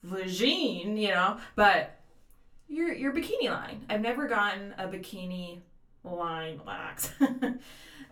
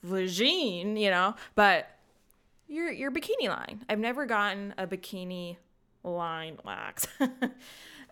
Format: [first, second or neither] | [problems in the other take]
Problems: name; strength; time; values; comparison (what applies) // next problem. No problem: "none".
second | off-mic speech; far // room echo; very slight; dies away in 0.2 s